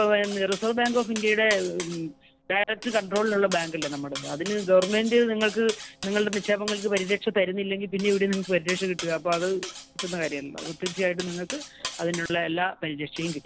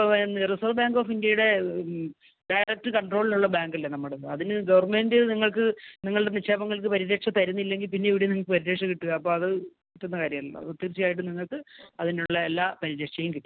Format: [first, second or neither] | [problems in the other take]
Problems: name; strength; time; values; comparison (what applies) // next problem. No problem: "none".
second | background sound (Cutlery, silverware); 13 dB below the speech